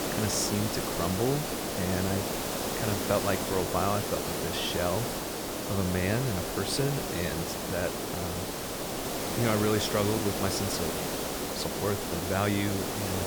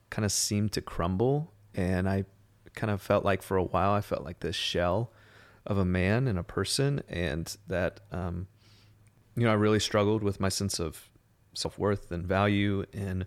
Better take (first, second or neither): second